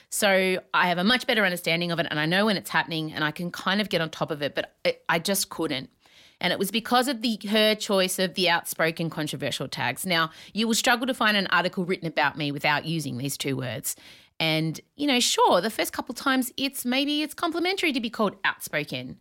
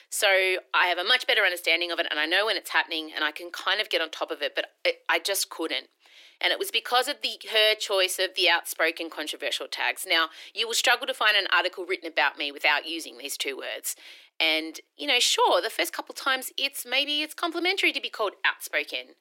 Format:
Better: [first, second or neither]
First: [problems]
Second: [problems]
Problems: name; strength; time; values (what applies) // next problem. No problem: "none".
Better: first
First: none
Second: thin; very; fading below 350 Hz